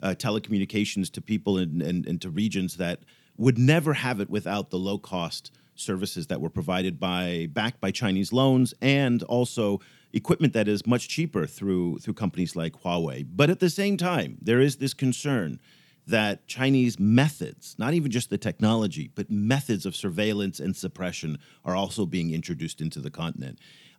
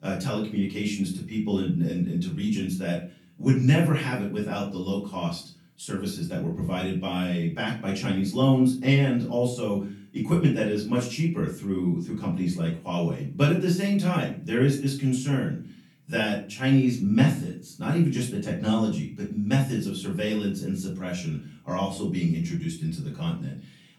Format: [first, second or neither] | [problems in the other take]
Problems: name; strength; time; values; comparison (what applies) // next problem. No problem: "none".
first | off-mic speech; far // room echo; slight; dies away in 0.3 s